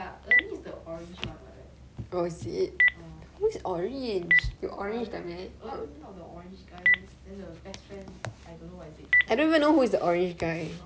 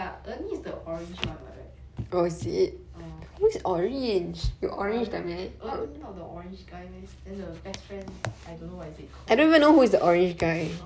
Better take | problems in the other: second | background sound (Telephone); 1 dB below the speech

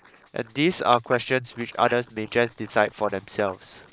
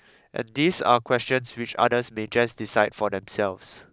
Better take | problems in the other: second | noise reduction (neural mask model Resemble Enhance denoiser)

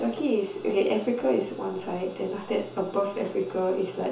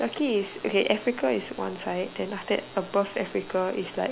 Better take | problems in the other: second | room echo; dies away in 0.7 s

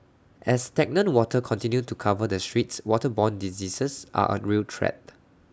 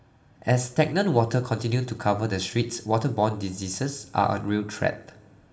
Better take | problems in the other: first | room echo; dies away in 0.7 s

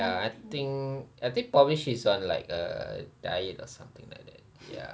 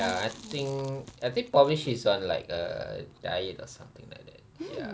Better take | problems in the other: first | background sound (Chewing, mastication); 17 dB below the speech

